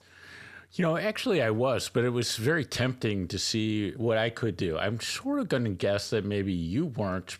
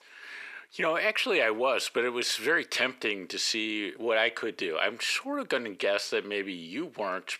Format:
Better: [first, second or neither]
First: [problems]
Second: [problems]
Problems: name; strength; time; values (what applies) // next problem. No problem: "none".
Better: first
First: none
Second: thin; somewhat; fading below 350 Hz